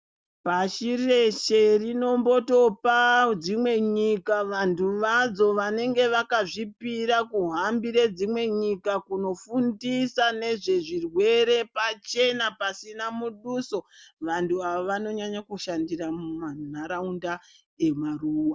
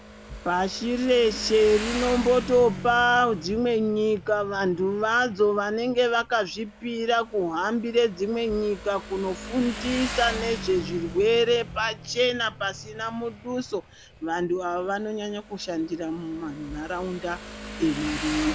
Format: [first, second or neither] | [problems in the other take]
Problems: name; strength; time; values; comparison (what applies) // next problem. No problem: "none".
first | background sound (Motorcycle); 13 dB below the speech